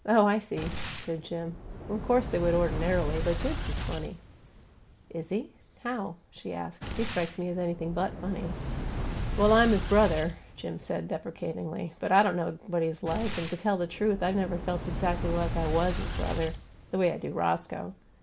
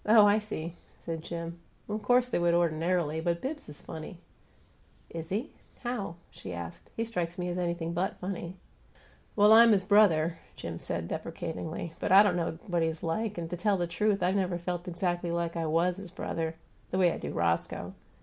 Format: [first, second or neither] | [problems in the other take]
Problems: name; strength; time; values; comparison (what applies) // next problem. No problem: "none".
second | background sound (Boom); 6 dB below the speech